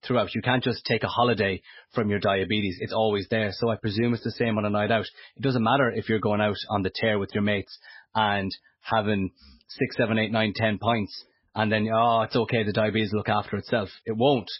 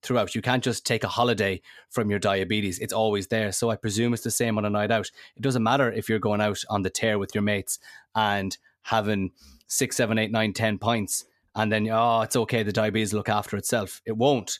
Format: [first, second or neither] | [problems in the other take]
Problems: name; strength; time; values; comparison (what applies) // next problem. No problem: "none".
second | garbled, watery; badly; nothing above 5.5 kHz